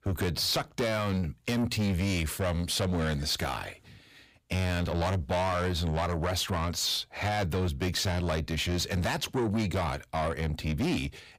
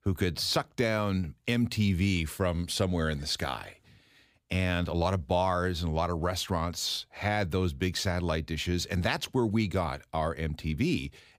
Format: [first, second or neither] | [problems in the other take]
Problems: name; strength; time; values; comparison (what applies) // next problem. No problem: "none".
second | distortion; heavy; 8 dB below the speech